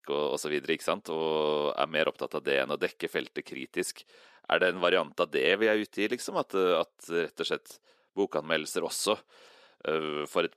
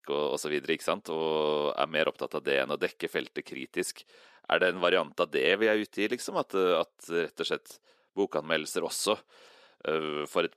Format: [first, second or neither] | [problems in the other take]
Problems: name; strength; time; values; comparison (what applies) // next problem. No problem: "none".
neither | thin; somewhat; fading below 300 Hz; the same in both